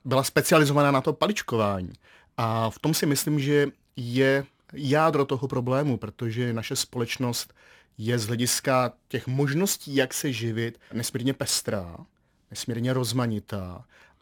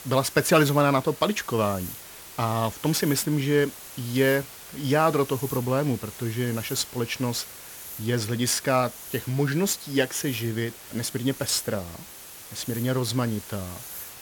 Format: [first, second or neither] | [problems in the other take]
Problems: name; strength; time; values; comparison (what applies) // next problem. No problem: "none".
first | hiss; noticeable; throughout; 15 dB below the speech